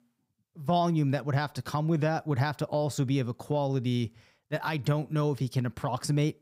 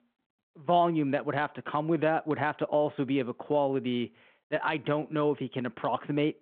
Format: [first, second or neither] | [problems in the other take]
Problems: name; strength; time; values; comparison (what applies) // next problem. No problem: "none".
first | phone-call audio